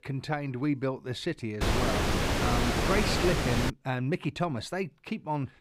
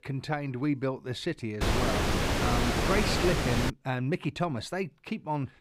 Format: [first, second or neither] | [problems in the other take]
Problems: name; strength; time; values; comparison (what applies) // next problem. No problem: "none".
neither | wind noise on the microphone; heavy; from 1.5 to 3.5 s; 4 dB above the speech; the same in both